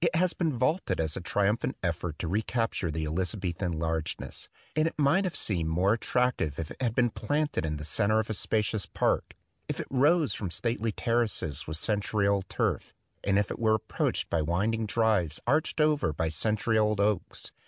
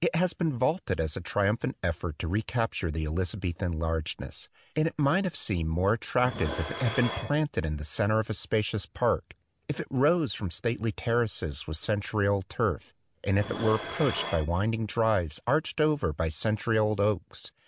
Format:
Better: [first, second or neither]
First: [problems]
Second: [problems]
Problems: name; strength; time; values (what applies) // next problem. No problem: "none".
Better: first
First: none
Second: background sound (Dishes, pots, and pans); 12 dB below the speech